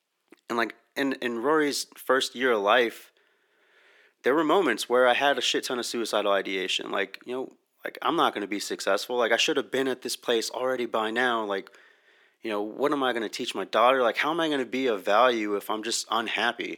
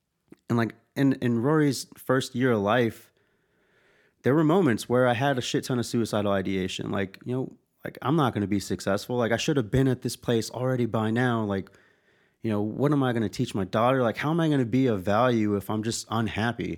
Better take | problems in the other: second | thin; somewhat; fading below 350 Hz

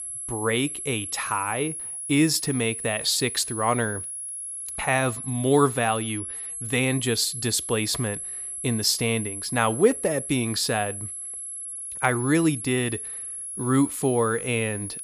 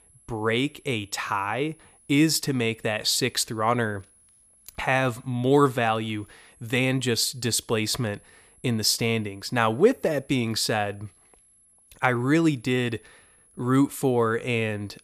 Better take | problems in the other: second | high-pitched whine; loud; throughout; 11 kHz, 7 dB below the speech; faint in the second

